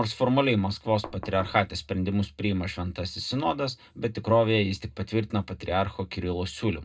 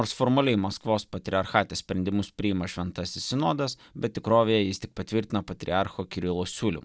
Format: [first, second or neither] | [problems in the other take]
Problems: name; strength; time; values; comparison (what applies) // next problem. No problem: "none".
second | background sound (Knock); 15 dB below the speech // room echo; dies away in 0.2 s